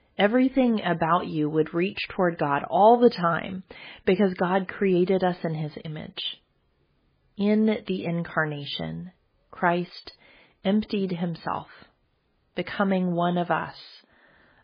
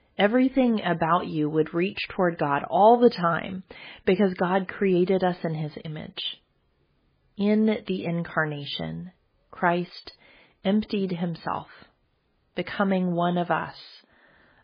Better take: neither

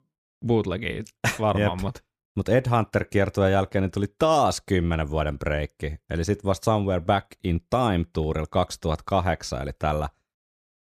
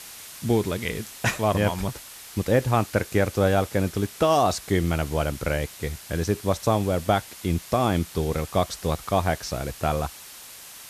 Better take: first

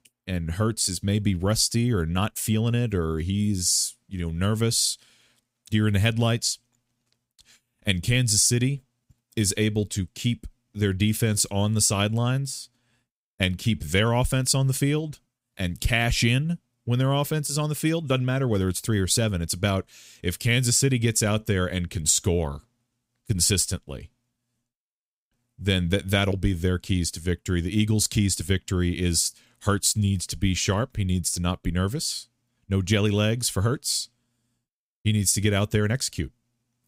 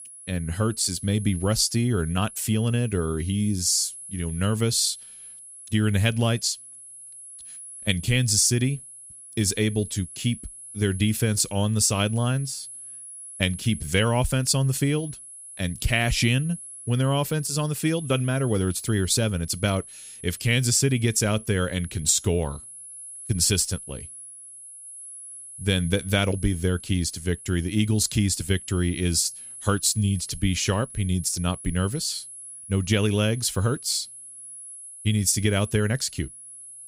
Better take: first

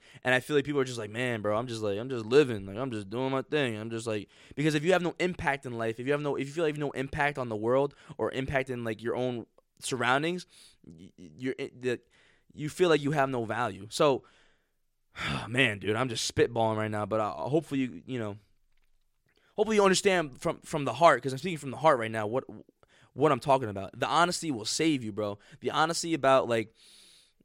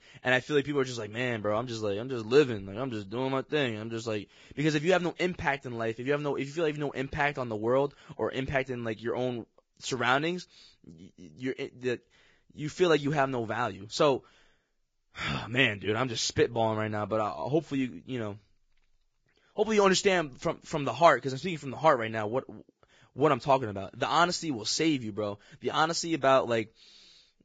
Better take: first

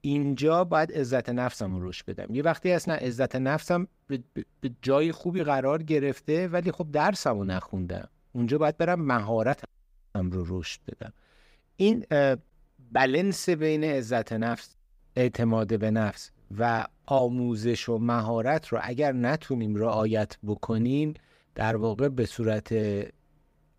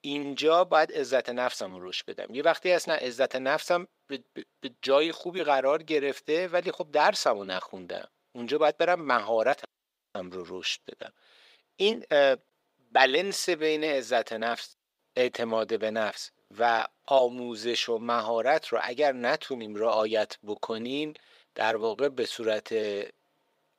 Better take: first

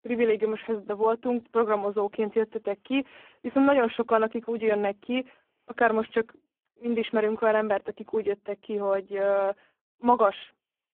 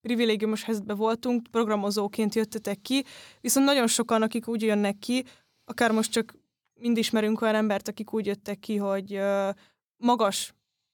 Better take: second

